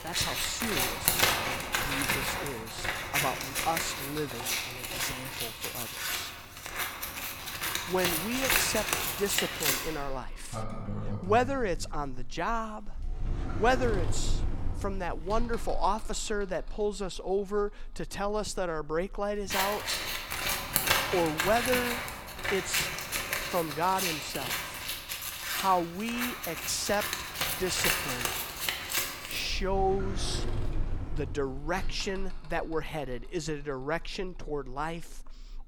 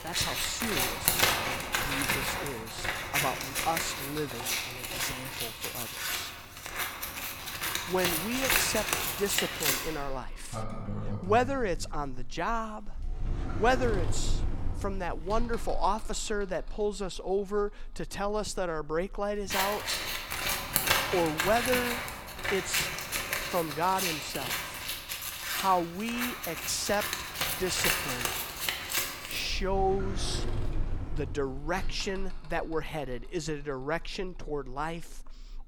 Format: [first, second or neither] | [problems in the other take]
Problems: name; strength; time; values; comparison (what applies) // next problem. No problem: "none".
neither | household noises; very loud; throughout; 1 dB above the speech; the same in both